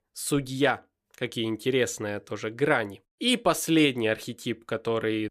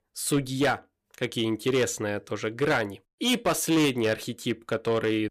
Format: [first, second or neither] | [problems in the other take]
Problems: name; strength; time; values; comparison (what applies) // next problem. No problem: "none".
first | distortion; slight; 7% of the sound clipped